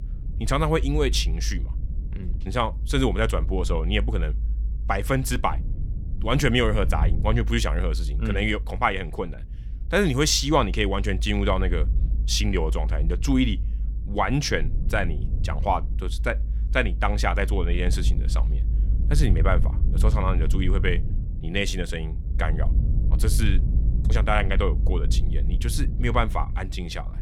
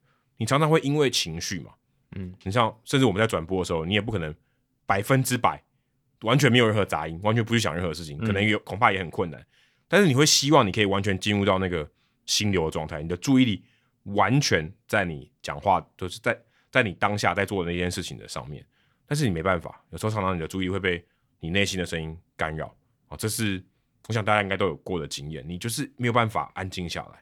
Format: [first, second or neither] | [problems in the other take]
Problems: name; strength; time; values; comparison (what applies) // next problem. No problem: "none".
second | low rumble; noticeable; throughout; 20 dB below the speech